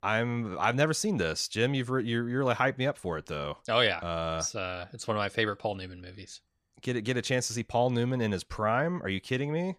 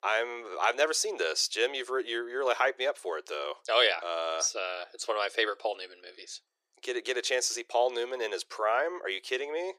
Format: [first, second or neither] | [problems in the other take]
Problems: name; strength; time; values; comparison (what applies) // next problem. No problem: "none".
first | thin; very; fading below 350 Hz